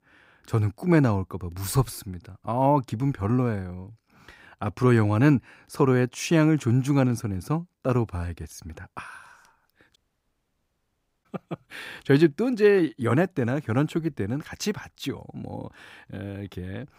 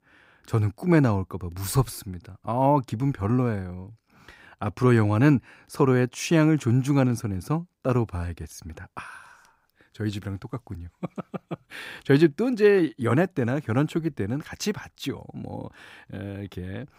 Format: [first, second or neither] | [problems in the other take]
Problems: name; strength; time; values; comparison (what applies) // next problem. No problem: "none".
second | audio cutting out; at 10 s for 1.5 s